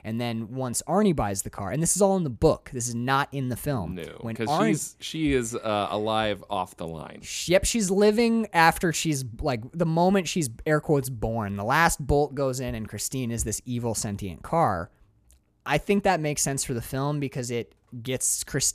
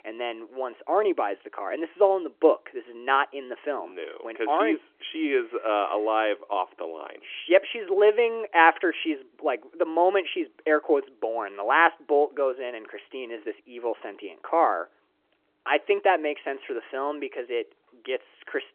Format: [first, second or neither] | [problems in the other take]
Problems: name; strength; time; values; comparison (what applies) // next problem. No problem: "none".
first | phone-call audio; nothing above 3.5 kHz